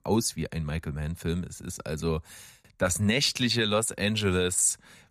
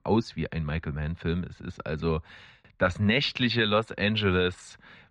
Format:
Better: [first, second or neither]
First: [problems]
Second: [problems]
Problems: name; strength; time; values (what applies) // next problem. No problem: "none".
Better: first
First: none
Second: muffled; slightly; fading above 3.5 kHz